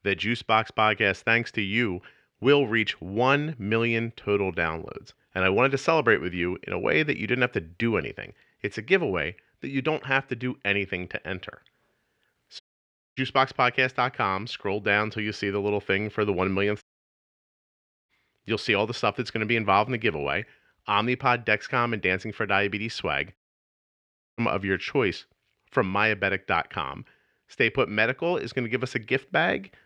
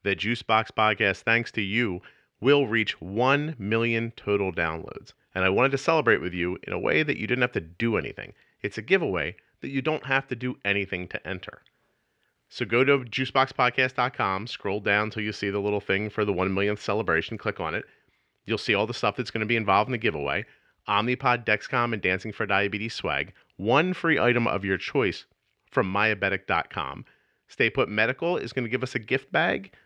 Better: second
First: audio cutting out; at 13 s for 0.5 s, at 17 s for 1.5 s and at 23 s for 1 s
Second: none

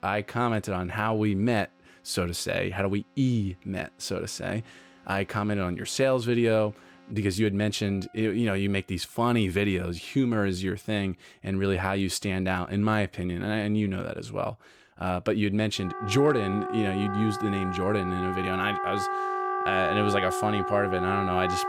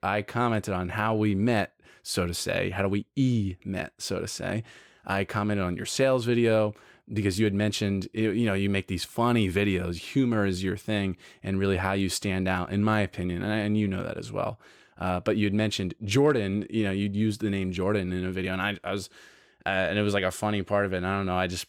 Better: second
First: background music; loud; throughout; 3 dB below the speech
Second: none

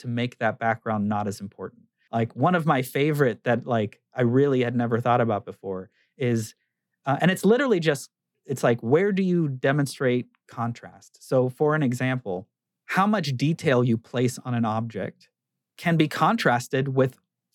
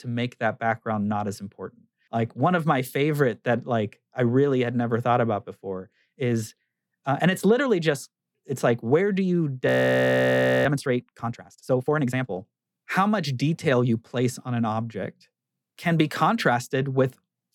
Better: first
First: none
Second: audio freezing; at 9.5 s for 1 s

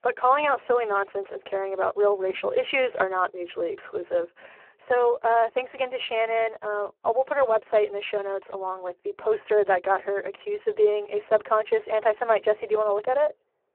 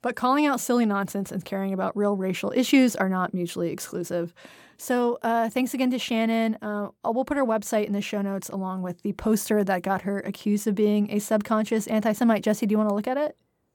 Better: second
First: phone-call audio; poor line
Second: none

